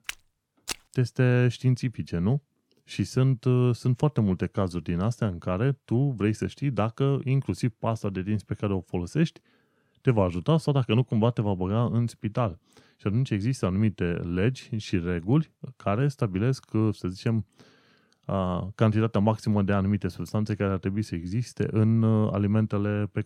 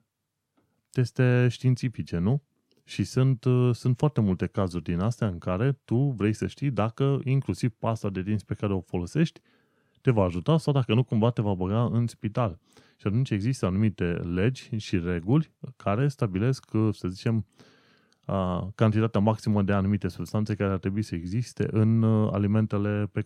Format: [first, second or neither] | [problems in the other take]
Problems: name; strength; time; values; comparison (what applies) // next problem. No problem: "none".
second | footsteps; noticeable; at the start; peak 9 dB below the speech